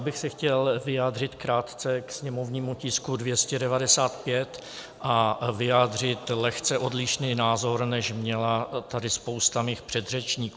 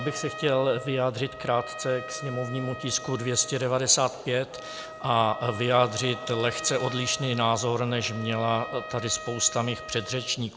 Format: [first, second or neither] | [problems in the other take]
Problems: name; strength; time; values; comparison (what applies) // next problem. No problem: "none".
first | background sound (Trumpet); 13 dB below the speech